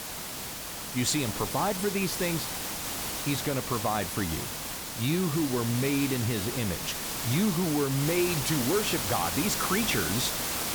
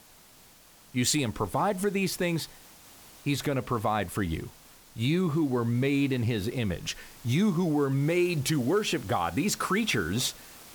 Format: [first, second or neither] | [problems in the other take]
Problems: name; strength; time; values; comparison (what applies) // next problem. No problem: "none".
second | hiss; loud; throughout; 2 dB below the speech; faint in the second